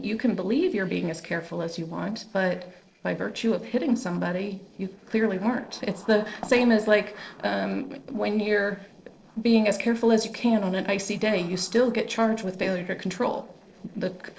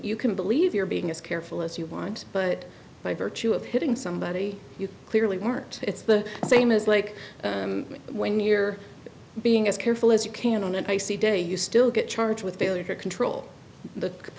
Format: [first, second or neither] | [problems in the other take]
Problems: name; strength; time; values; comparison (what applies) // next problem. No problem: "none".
second | noise reduction (neural separator model SepFormer DNS4)